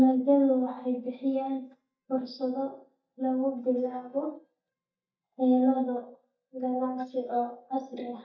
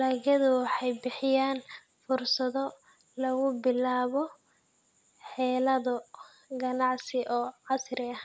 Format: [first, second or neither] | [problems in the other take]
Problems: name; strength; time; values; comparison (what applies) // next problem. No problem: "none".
second | noise reduction (neural mask model DeepFilterNet 3)